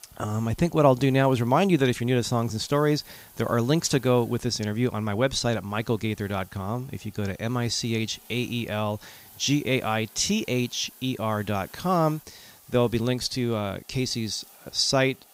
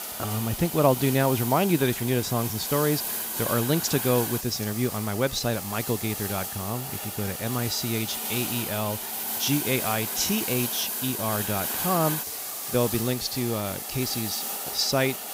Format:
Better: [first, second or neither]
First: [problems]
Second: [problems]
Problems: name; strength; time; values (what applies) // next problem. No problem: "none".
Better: first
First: hiss; faint; throughout; 25 dB below the speech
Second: hiss; loud; throughout; 3 dB below the speech